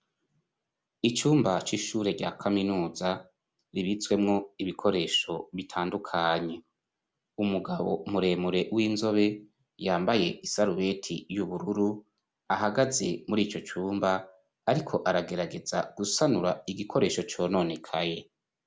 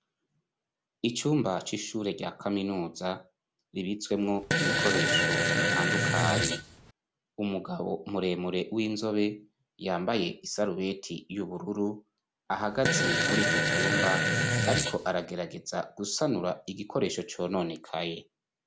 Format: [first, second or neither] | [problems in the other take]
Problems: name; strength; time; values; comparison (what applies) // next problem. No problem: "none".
first | background sound (Fart); 5 dB above the speech